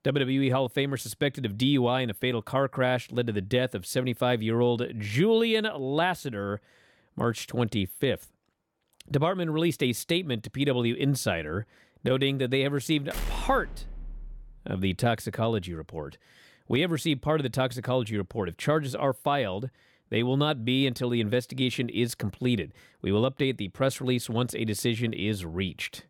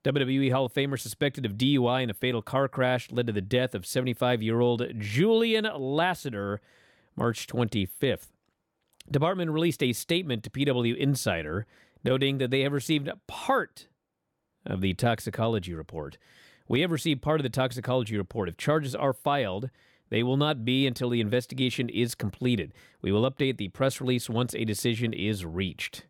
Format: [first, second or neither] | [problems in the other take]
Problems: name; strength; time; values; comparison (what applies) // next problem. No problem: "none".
second | door banging; noticeable; from 13 to 15 s; peak 8 dB below the speech